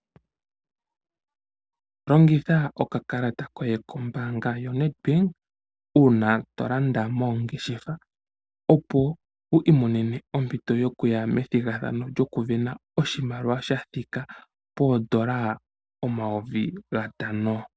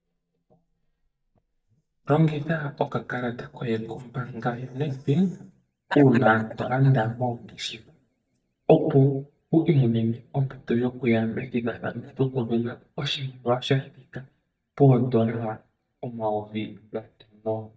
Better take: first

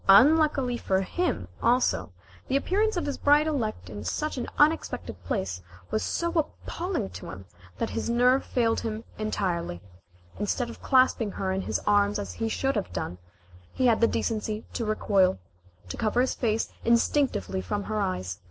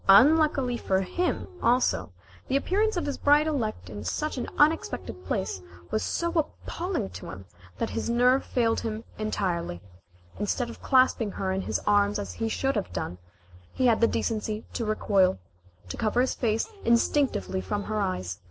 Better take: first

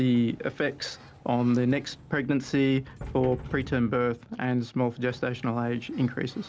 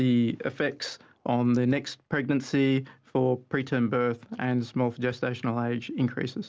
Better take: second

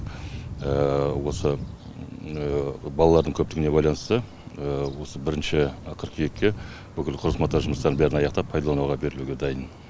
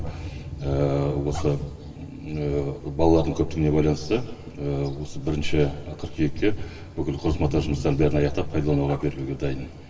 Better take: first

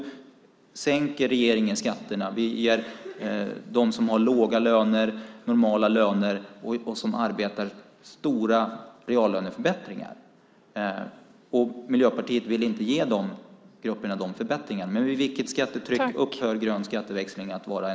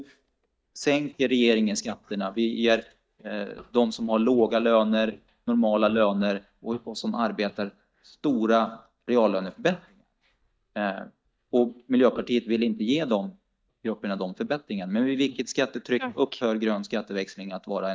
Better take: first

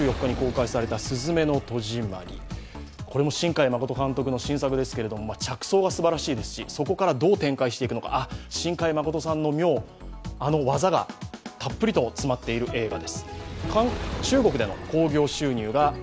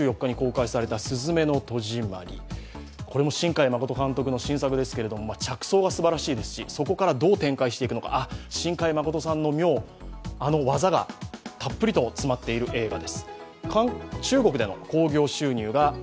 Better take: second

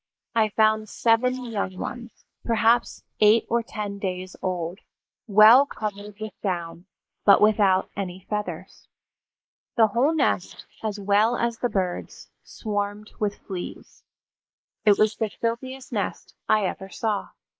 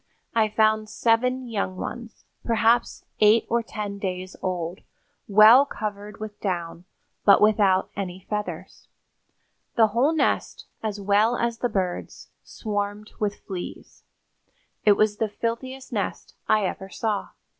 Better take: second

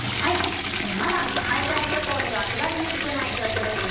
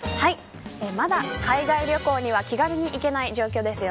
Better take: second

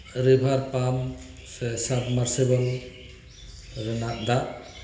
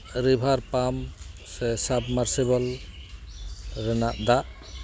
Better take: second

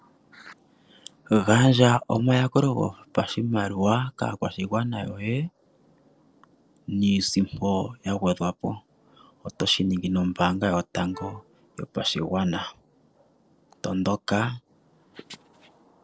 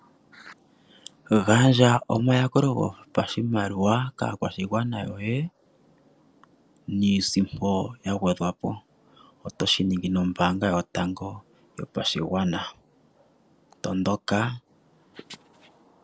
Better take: second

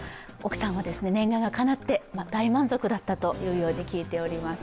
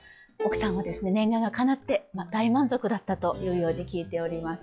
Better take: first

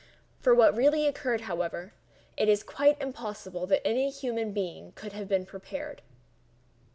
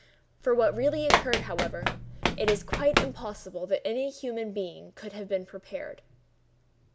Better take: first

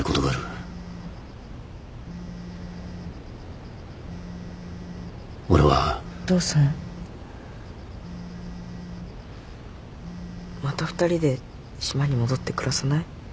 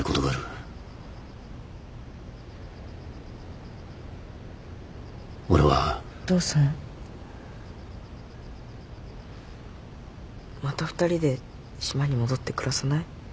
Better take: second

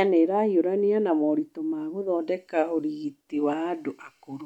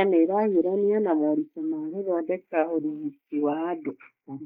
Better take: first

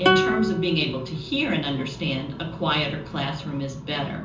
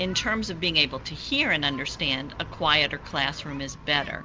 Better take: second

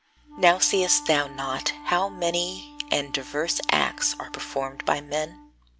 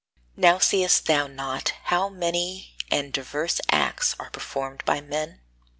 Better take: second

